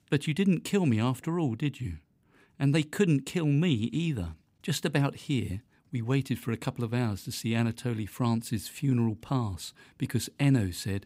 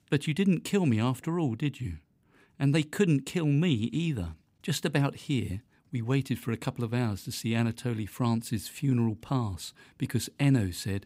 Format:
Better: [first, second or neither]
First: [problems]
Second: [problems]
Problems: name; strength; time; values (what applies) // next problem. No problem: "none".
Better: neither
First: none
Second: none